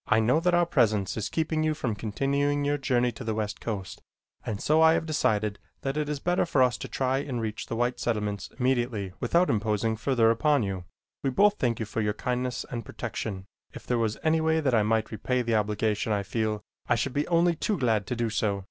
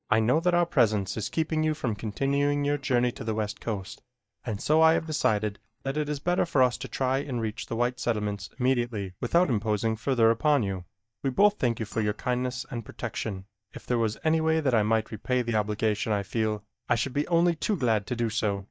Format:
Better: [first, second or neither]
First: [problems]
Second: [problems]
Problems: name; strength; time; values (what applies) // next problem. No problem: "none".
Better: first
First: none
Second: noise reduction (neural mask model DeepFilterNet 3)